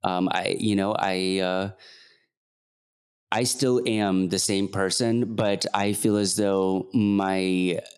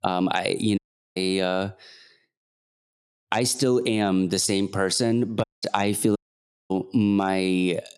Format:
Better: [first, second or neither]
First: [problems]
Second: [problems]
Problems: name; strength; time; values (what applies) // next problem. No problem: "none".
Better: first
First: none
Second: audio cutting out; at 1 s, at 5.5 s and at 6 s for 0.5 s